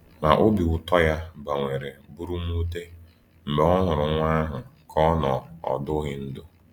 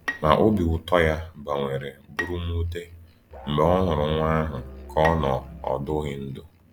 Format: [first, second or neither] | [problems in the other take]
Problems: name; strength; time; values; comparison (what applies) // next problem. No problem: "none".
first | background sound (Bowed string instrument + Musical instrument); 14 dB below the speech